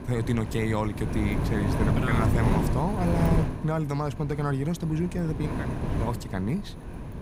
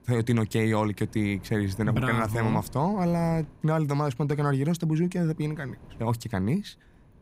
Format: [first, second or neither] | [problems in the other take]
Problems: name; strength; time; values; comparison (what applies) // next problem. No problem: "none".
second | wind noise on the microphone; heavy; 3 dB below the speech; occasional gusts in the second